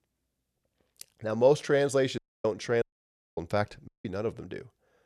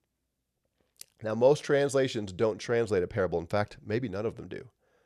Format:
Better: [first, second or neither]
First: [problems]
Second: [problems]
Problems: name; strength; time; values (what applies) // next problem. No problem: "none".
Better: second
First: audio cutting out; at 2 s, at 3 s for 0.5 s and at 4 s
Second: none